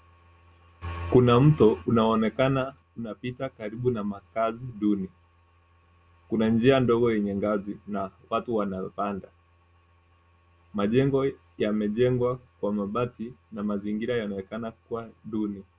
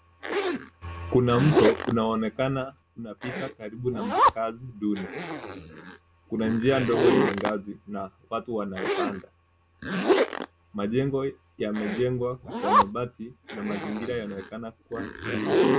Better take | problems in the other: first | background sound (Zipper (clothing)); as loud as the speech

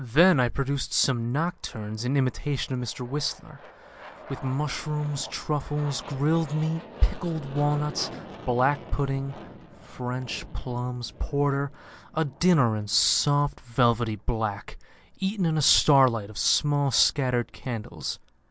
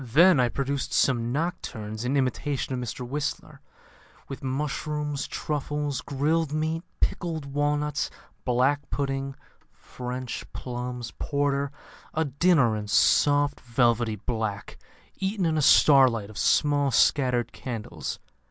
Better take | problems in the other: second | background sound (Aircraft); 20 dB below the speech

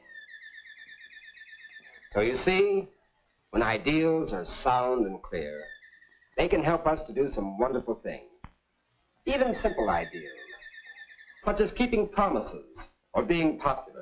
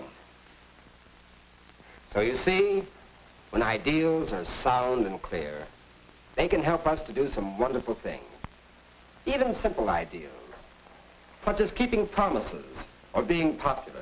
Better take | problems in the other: second | noise reduction (classical method log-MMSE)

